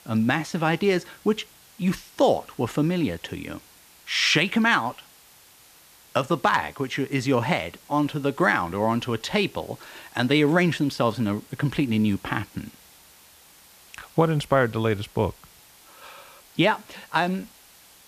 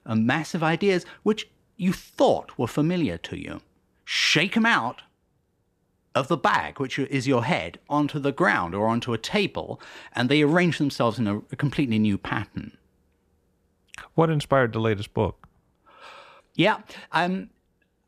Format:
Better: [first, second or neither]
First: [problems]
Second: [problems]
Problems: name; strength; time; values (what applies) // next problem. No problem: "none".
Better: second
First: hiss; faint; throughout; 25 dB below the speech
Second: none